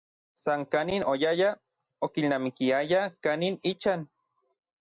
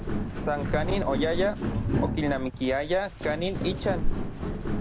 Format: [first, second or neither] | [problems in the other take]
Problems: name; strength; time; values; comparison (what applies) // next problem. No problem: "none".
first | background sound (Walk, footsteps); 1 dB above the speech